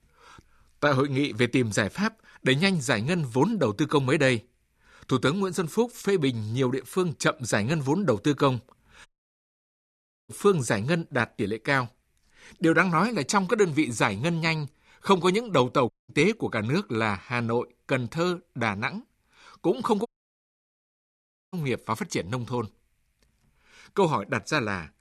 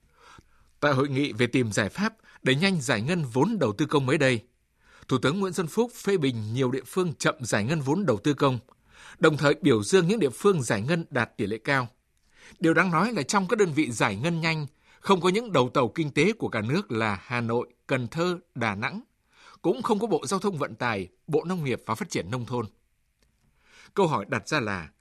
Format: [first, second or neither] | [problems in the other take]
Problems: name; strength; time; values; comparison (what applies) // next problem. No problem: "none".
second | audio cutting out; at 9 s for 1 s, at 16 s and at 20 s for 1.5 s